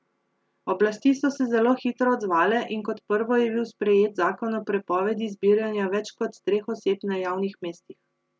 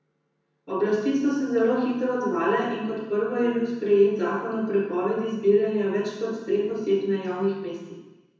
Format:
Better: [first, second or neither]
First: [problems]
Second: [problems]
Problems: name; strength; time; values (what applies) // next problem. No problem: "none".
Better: first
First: none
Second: room echo; dies away in 1.1 s